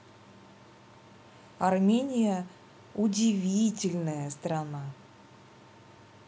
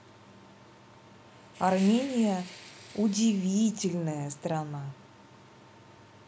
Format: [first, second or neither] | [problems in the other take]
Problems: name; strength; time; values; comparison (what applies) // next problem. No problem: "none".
first | background sound (Fire); 20 dB below the speech